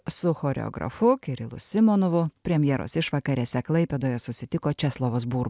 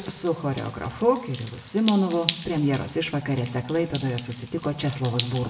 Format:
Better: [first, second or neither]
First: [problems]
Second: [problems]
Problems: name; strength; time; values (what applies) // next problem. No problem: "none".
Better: first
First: none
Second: background sound (Drip); 12 dB below the speech // room echo; dies away in 0.6 s